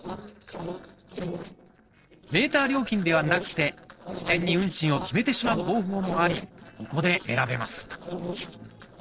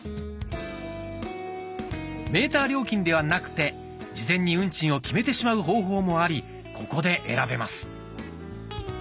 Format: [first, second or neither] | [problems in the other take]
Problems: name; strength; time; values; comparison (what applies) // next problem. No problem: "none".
second | noise reduction (neural separator model SepFormer DNS4)